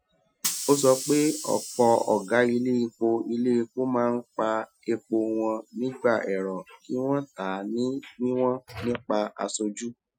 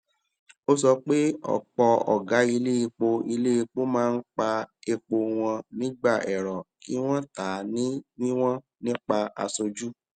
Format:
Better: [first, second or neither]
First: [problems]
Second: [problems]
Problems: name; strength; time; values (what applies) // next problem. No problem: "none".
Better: second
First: noise reduction (classical method Wiener filter)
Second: none